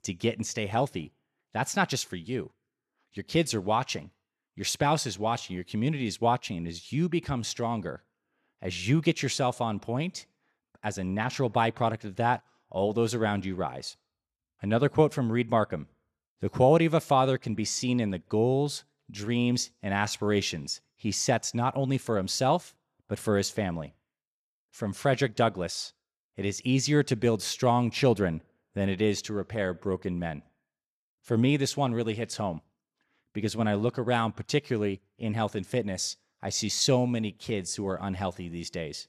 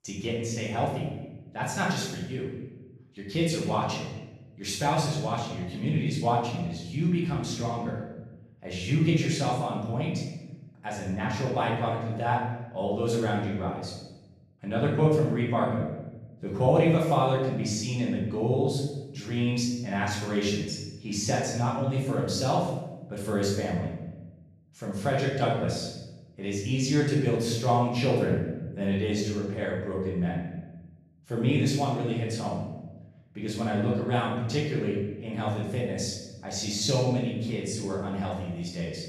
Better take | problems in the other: first | room echo; noticeable; dies away in 1 s // off-mic speech; far

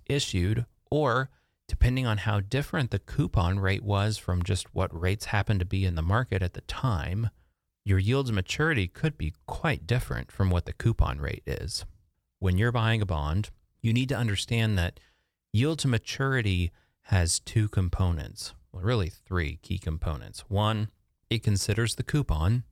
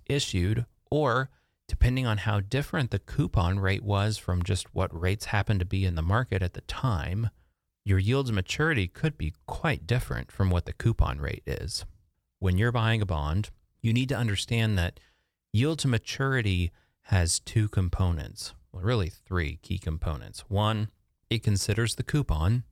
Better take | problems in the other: neither | none

